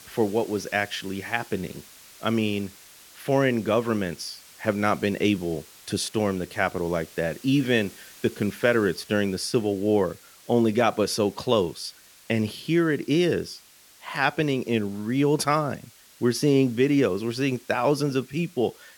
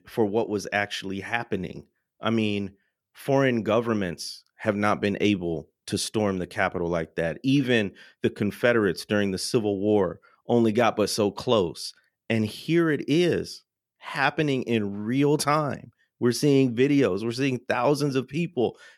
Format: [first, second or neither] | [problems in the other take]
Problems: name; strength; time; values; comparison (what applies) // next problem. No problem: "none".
second | hiss; faint; throughout; 20 dB below the speech